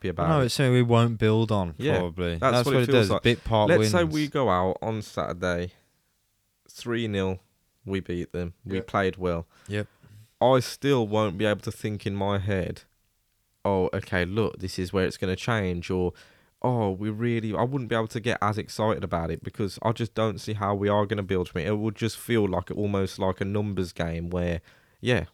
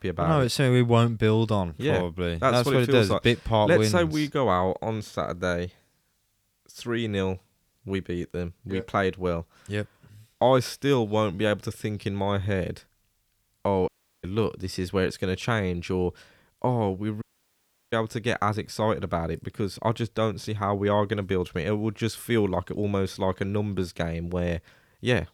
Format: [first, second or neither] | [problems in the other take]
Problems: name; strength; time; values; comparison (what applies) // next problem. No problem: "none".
first | audio cutting out; at 14 s and at 17 s for 0.5 s